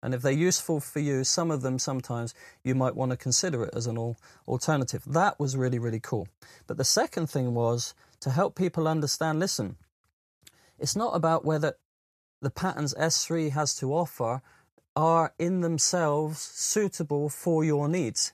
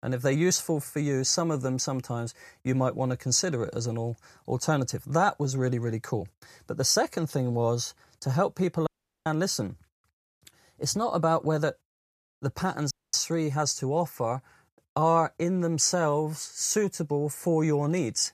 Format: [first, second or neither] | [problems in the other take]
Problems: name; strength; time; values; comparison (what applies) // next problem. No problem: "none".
first | audio cutting out; at 9 s and at 13 s